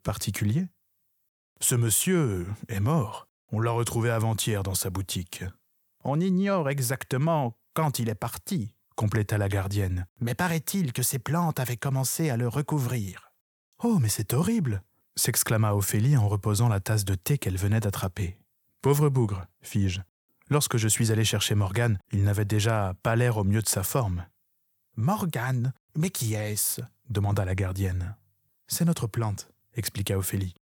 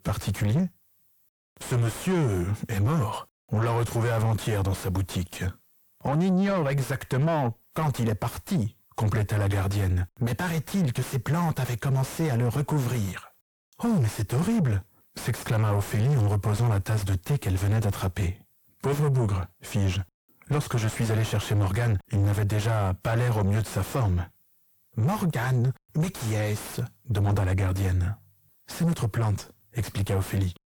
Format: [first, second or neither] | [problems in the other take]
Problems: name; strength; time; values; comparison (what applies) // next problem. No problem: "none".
first | distortion; heavy; 6 dB below the speech